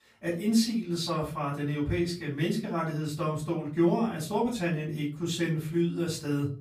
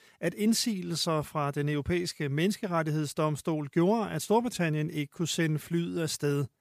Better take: second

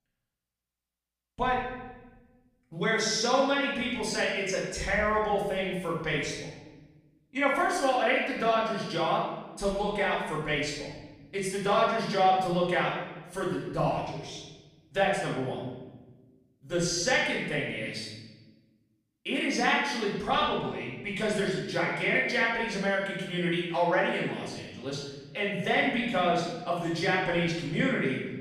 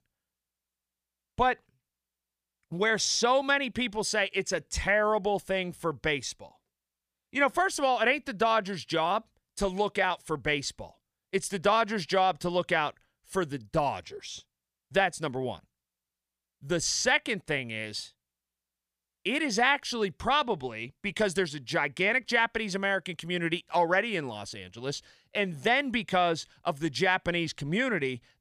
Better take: second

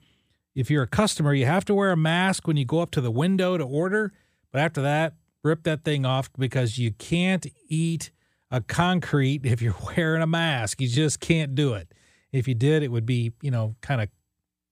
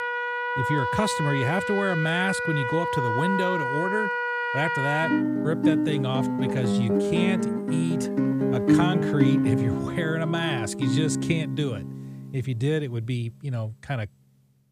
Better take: first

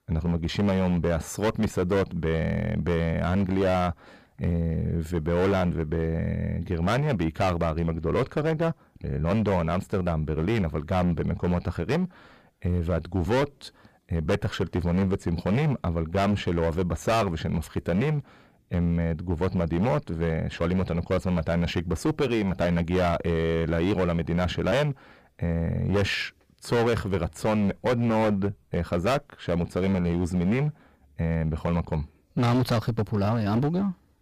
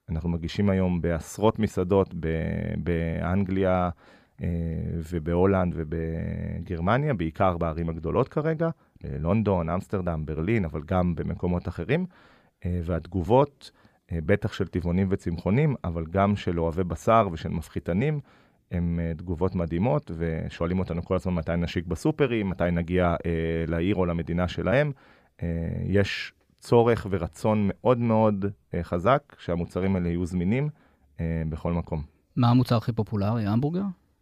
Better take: second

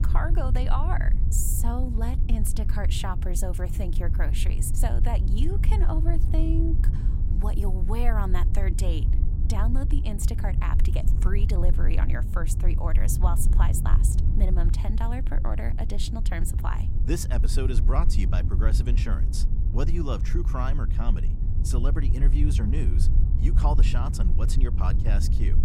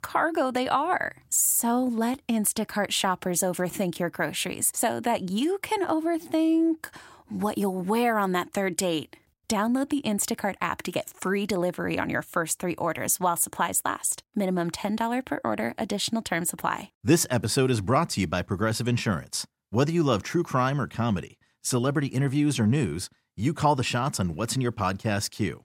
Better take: second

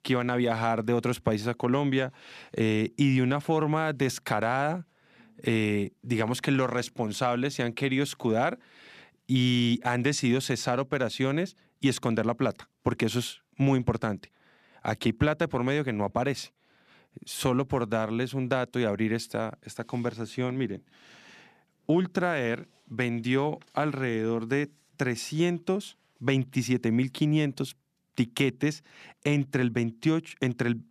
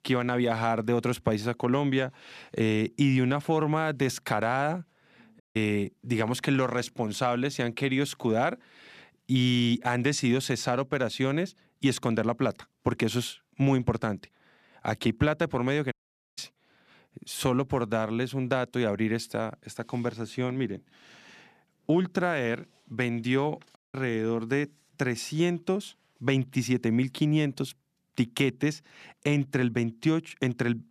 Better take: first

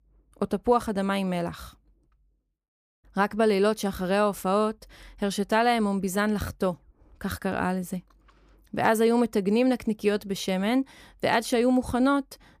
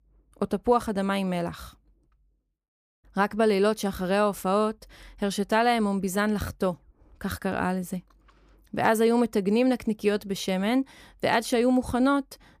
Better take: neither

